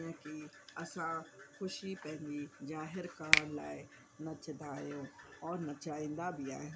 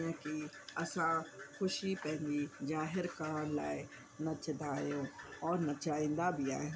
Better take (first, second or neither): second